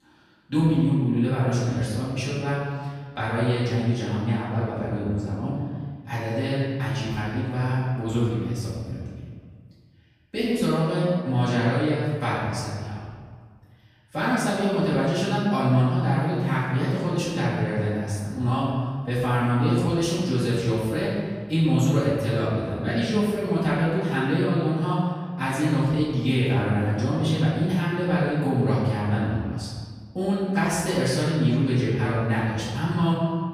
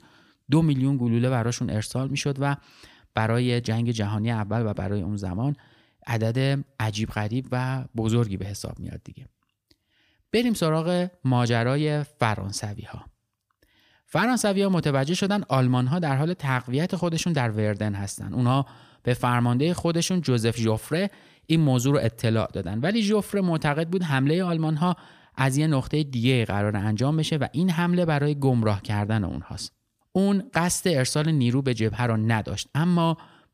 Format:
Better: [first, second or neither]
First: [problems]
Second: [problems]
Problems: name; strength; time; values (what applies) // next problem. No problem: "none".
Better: second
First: room echo; strong; dies away in 1.5 s // off-mic speech; far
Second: none